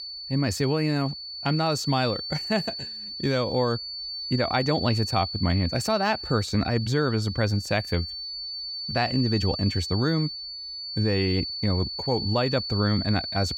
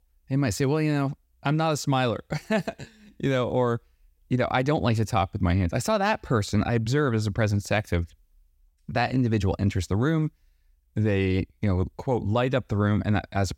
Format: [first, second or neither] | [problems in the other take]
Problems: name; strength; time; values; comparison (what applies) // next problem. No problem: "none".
second | high-pitched whine; loud; throughout; 4.5 kHz, 5 dB below the speech